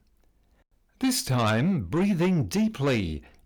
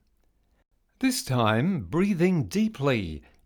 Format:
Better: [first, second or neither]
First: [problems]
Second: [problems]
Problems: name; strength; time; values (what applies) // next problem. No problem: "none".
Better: second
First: distortion; slight; 10 dB below the speech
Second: none